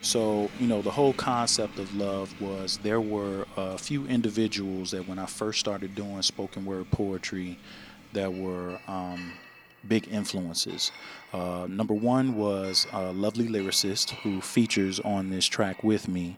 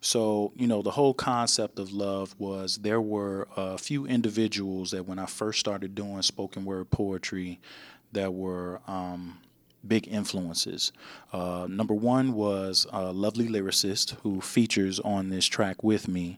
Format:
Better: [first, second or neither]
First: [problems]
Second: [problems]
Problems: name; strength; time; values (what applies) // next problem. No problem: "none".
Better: second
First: household noises; noticeable; throughout; 20 dB below the speech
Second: none